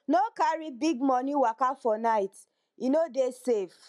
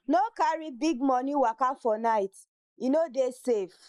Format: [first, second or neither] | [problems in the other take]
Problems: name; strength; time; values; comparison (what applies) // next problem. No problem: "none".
first | noise reduction (neural mask model Resemble Enhance denoiser)